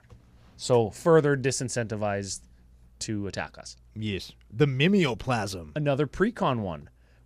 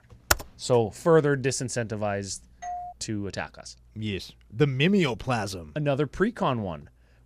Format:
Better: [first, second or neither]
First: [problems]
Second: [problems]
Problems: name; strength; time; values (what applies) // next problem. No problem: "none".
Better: first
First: none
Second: keyboard typing; very faint; at 0.5 s; peak 1 dB above the speech // doorbell; noticeable; at 2.5 s; peak 10 dB below the speech